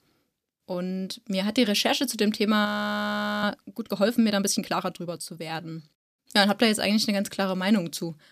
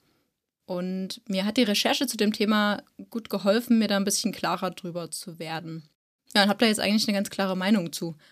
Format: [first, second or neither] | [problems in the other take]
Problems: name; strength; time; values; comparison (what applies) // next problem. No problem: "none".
second | audio freezing; at 2.5 s for 1 s